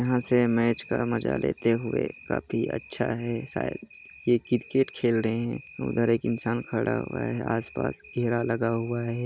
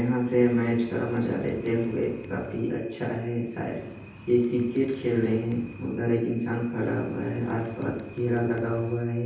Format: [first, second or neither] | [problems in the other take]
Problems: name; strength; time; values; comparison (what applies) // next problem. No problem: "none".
first | background sound (Bird); 18 dB below the speech // room echo; dies away in 0.9 s